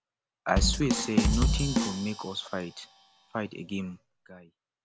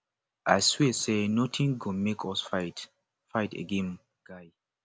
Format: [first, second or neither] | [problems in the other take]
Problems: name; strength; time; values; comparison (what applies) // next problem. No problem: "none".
second | background sound (Bass drum / Drum kit); 3 dB above the speech